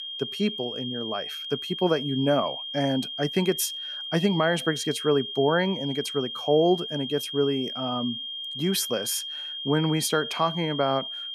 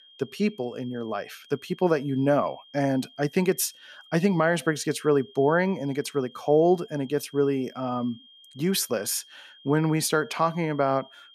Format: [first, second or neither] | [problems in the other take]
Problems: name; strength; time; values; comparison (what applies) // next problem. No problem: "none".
second | high-pitched whine; loud; throughout; 3 kHz, 6 dB below the speech; faint in the second